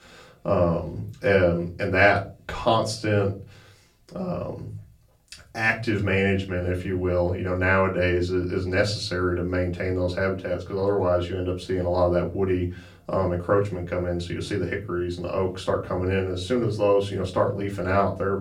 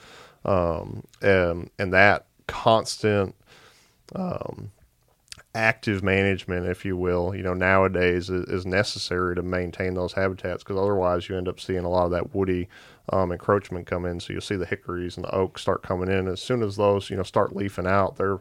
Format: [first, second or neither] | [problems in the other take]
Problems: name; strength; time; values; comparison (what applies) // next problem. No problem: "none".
second | off-mic speech; far // room echo; very slight; dies away in 0.4 s